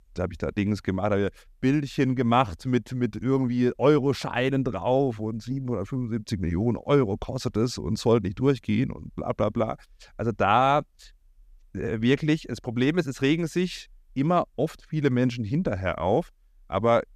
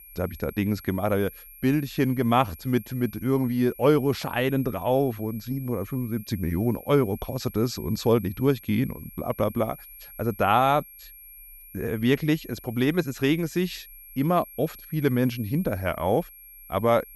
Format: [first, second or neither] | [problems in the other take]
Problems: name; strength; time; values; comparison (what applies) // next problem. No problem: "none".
first | high-pitched whine; noticeable; throughout; 11.5 kHz, 20 dB below the speech